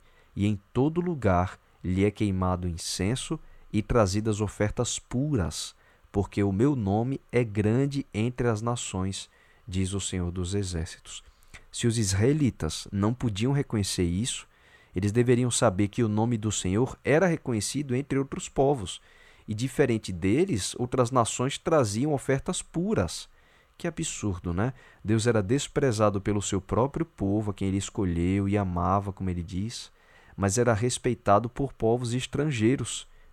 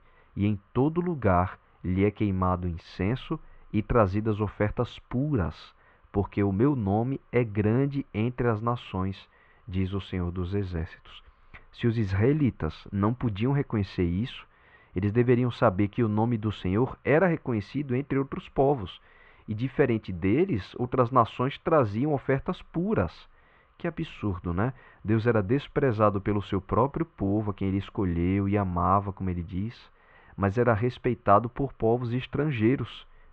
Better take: first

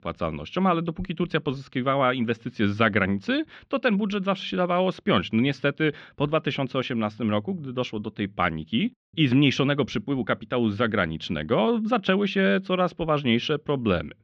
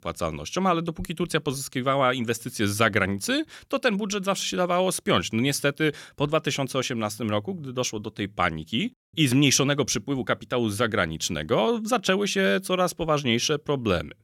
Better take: second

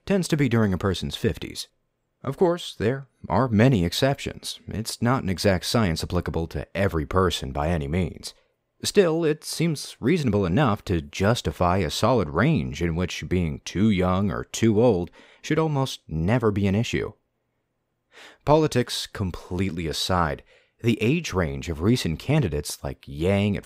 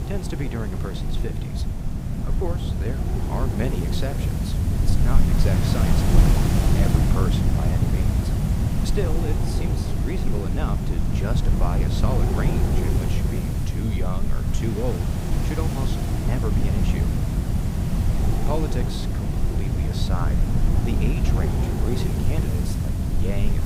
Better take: first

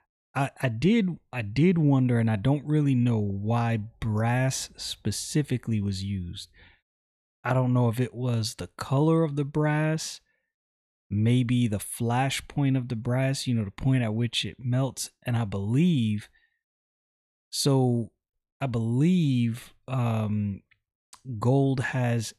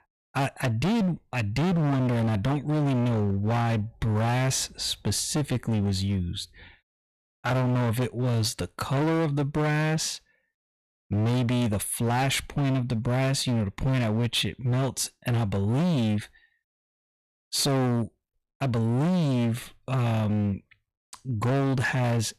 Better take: first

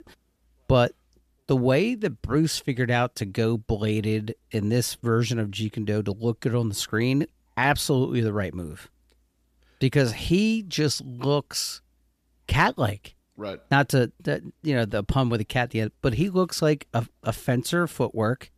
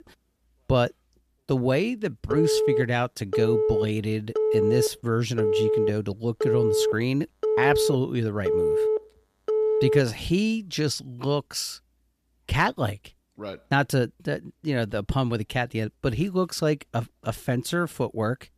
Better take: first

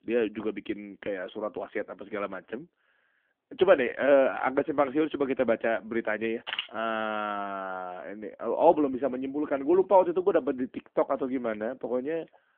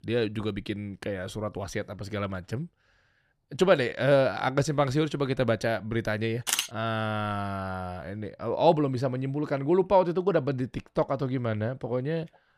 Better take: second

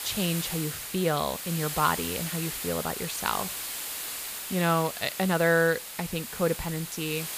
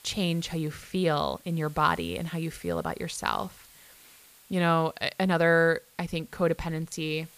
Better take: second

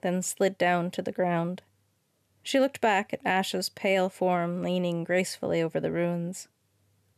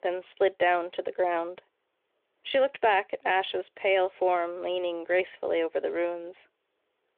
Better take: first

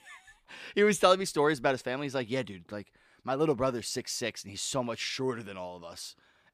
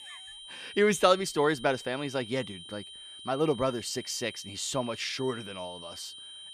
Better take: first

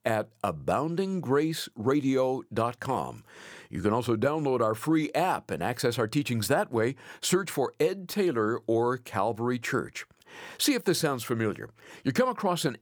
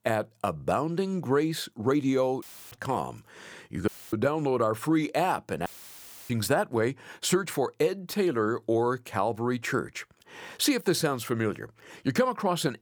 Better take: first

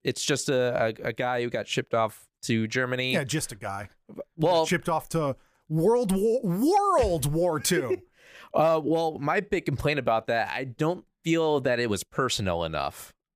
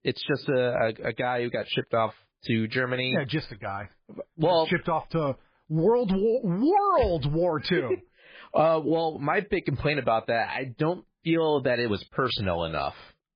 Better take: first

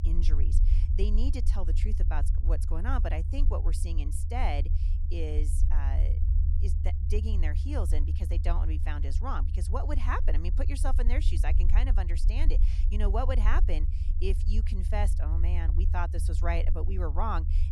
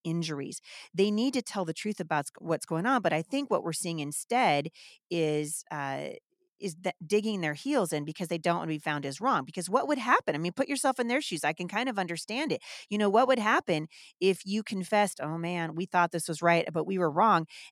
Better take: second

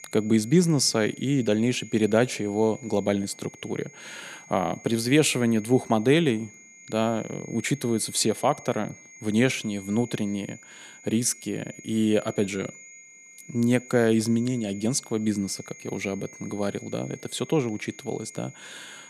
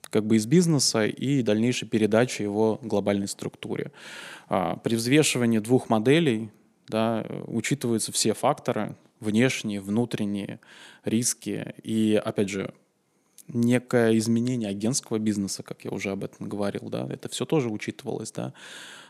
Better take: second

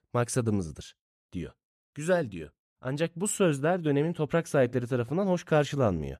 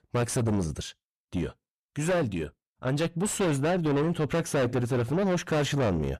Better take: first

